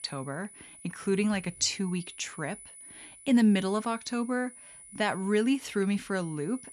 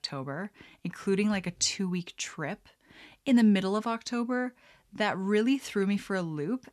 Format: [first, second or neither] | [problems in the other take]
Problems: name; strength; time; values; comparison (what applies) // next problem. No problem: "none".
second | high-pitched whine; noticeable; throughout; 10 kHz, 15 dB below the speech